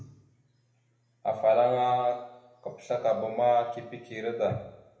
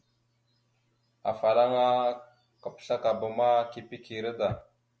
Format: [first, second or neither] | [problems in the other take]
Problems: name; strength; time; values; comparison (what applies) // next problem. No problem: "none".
second | room echo; dies away in 0.8 s